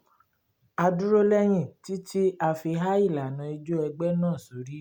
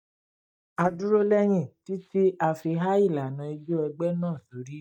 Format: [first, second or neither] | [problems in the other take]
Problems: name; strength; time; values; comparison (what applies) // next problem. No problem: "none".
first | noise reduction (neural mask model DeepFilterNet 3)